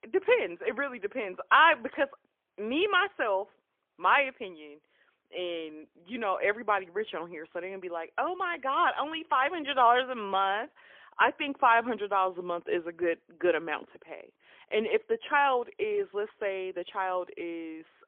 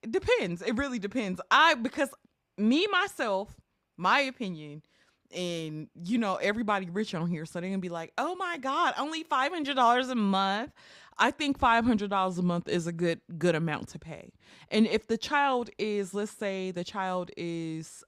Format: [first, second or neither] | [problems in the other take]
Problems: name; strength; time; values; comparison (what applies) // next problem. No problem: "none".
second | phone-call audio; poor line; nothing above 3.5 kHz